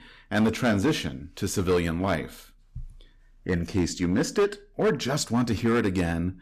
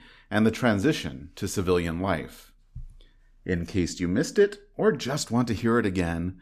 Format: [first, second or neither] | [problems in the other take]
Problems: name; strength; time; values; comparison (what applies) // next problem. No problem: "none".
second | distortion; slight; 6% of the sound clipped